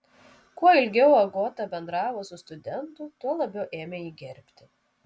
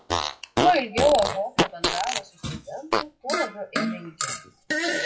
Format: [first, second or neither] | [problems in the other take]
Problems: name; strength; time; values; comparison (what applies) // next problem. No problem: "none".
first | noise reduction (classical method WPE with log-MMSE)